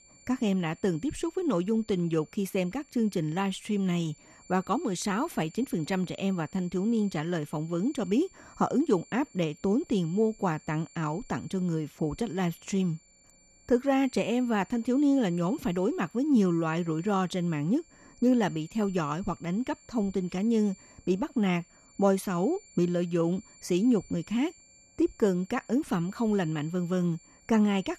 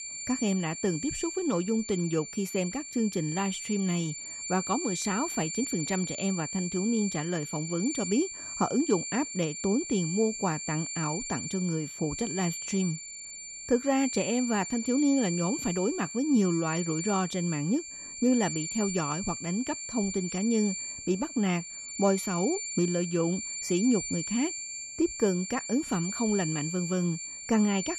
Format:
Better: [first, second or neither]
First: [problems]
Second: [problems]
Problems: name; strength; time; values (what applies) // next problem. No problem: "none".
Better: first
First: high-pitched whine; faint; throughout; 7 kHz, 25 dB below the speech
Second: high-pitched whine; loud; throughout; 7 kHz, 5 dB below the speech